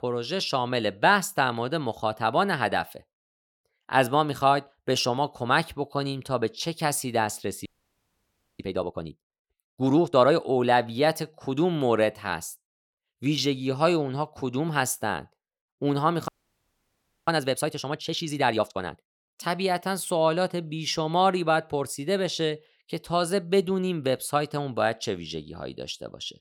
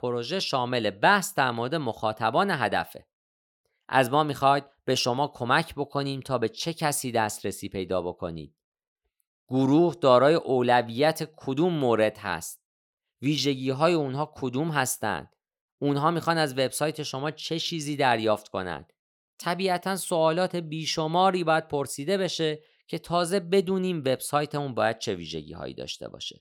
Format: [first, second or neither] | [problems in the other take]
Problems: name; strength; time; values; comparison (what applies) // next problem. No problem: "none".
second | audio freezing; at 7.5 s for 1 s and at 16 s for 1 s